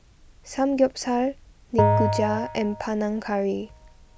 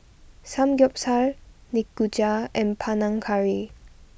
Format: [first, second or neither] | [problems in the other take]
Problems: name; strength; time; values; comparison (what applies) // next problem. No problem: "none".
second | background sound (Bell); as loud as the speech